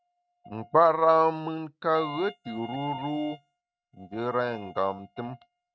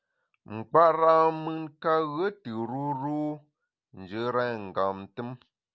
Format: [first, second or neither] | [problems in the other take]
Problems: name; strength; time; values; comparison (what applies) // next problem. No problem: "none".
second | noise reduction (neural mask model RNNoise)